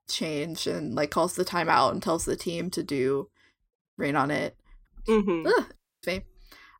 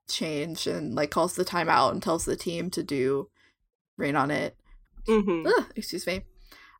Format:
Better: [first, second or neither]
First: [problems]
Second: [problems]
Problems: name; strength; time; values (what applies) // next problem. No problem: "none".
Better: second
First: audio cutting out; at 6 s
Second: none